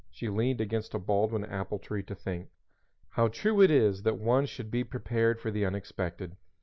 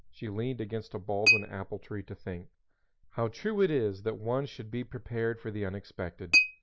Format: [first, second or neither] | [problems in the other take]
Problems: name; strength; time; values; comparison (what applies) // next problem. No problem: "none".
first | background sound (Chink, clink); 1 dB below the speech